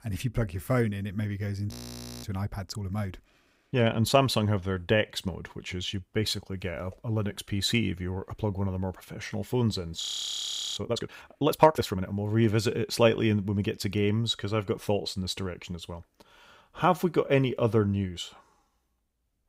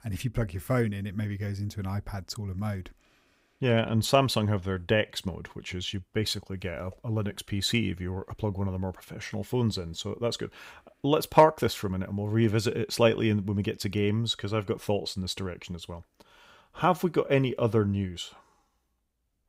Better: second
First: audio freezing; at 1.5 s for 0.5 s and at 10 s for 1 s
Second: none

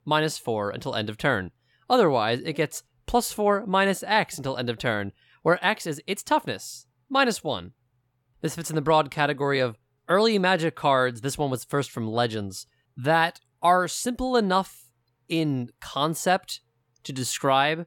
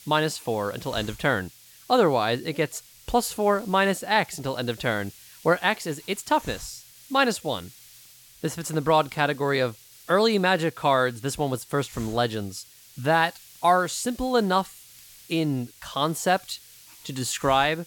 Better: first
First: none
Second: hiss; faint; throughout; 20 dB below the speech

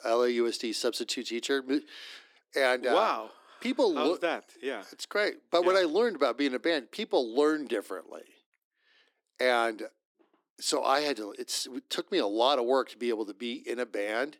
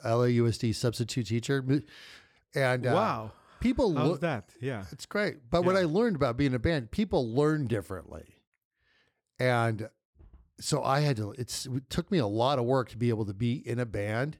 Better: second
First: thin; somewhat; fading below 300 Hz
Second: none

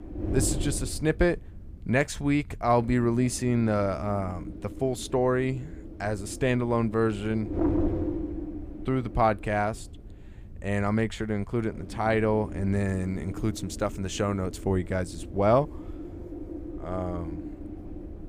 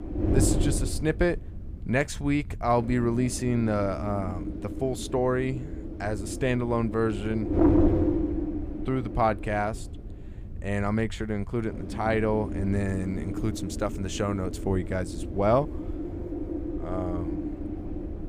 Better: first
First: wind noise on the microphone; occasional gusts; 10 dB below the speech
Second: wind noise on the microphone; heavy; 6 dB below the speech

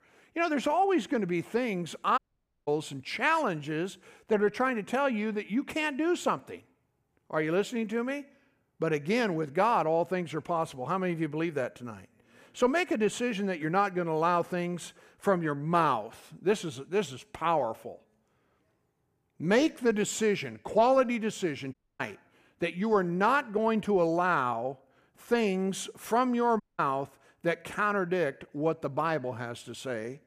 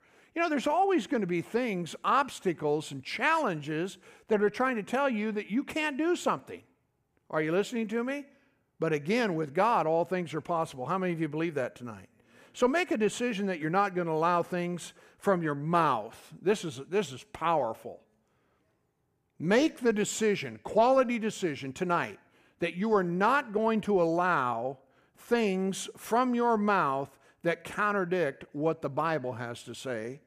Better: second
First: audio cutting out; at 2 s, at 22 s and at 27 s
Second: none

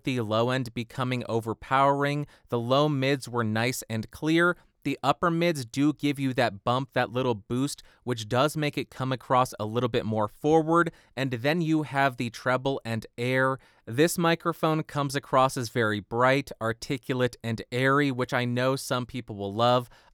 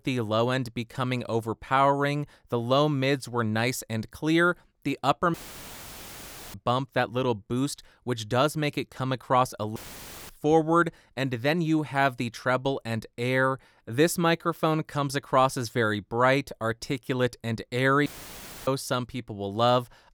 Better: first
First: none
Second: audio cutting out; filled with static; at 5.5 s for 1 s, at 10 s for 0.5 s and at 18 s for 0.5 s

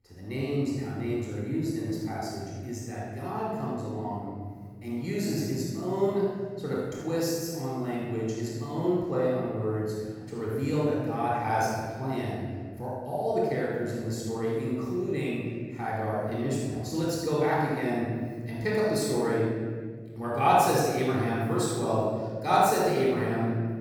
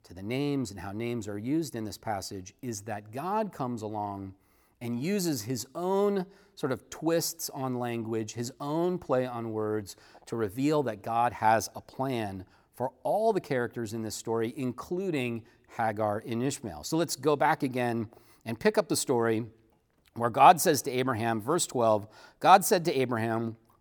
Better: second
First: off-mic speech; far // room echo; strong; dies away in 2.1 s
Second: none

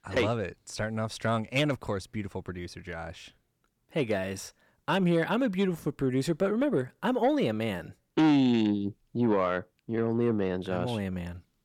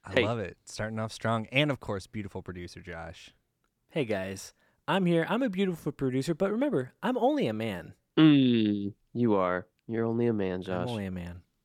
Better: second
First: distortion; slight; 10 dB below the speech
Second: none

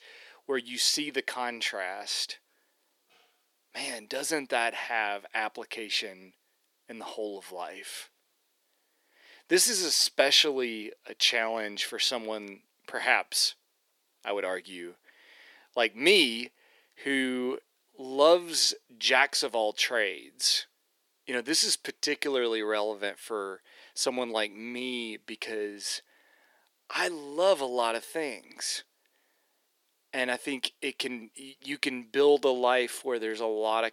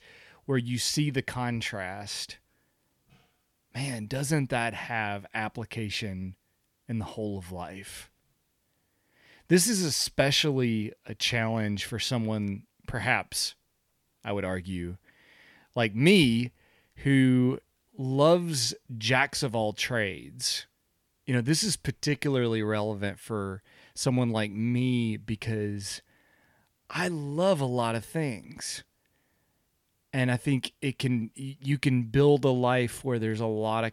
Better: second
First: thin; somewhat; fading below 350 Hz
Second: none

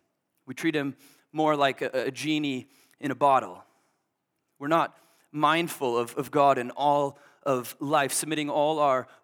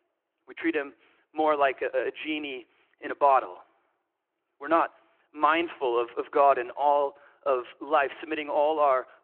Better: first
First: none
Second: phone-call audio

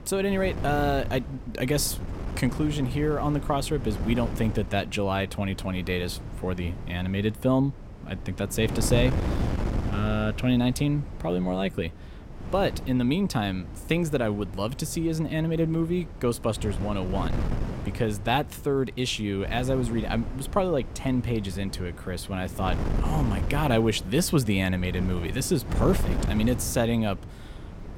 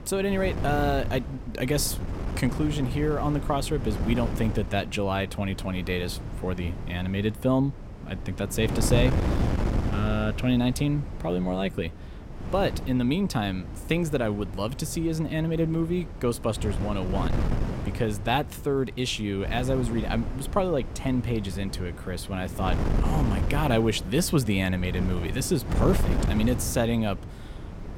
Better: first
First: wind noise on the microphone; occasional gusts; 10 dB below the speech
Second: wind noise on the microphone; heavy; 9 dB below the speech

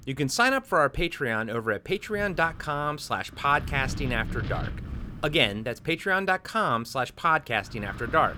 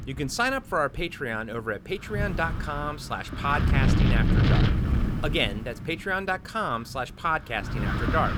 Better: first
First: wind noise on the microphone; occasional gusts; 20 dB below the speech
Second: wind noise on the microphone; heavy; 6 dB below the speech

